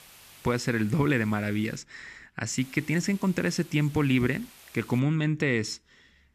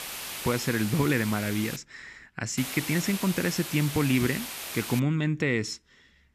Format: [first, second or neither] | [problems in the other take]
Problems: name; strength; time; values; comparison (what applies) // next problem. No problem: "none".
first | hiss; loud; until 2 s and from 2.5 to 5 s; 7 dB below the speech; faint in the first